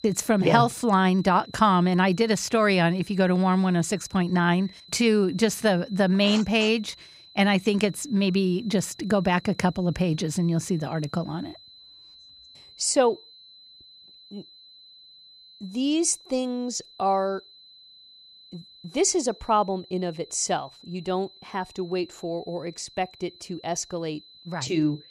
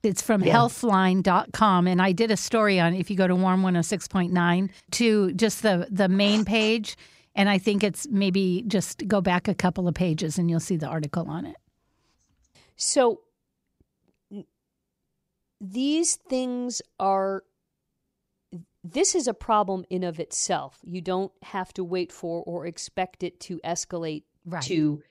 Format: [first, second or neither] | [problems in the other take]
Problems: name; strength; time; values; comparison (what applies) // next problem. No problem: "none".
second | high-pitched whine; faint; throughout; 4 kHz, 25 dB below the speech